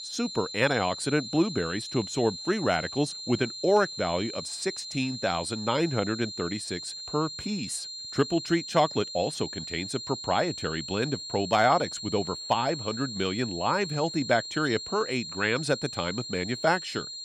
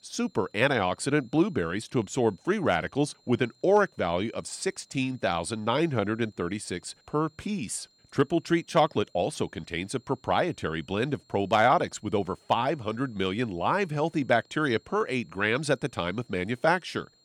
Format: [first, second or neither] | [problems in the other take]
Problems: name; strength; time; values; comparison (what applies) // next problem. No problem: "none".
second | high-pitched whine; loud; throughout; 4 kHz, 8 dB below the speech; faint in the second